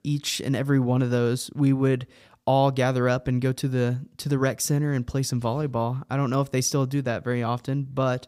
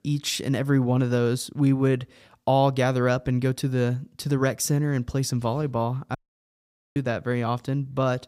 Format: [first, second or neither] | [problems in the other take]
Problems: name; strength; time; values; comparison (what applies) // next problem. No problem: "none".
first | audio cutting out; at 6 s for 1 s